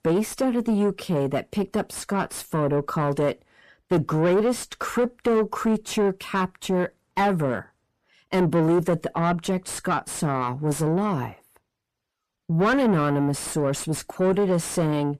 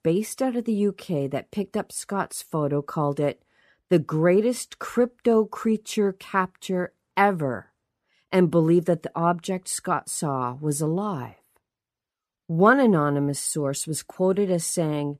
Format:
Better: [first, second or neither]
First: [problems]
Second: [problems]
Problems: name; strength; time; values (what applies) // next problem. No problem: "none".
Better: second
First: distortion; heavy; 7 dB below the speech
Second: none